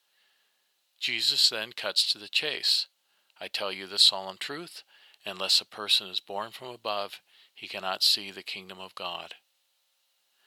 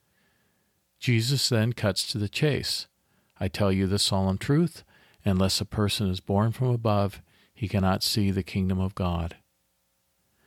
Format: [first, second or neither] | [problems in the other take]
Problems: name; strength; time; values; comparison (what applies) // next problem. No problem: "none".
second | thin; very; fading below 700 Hz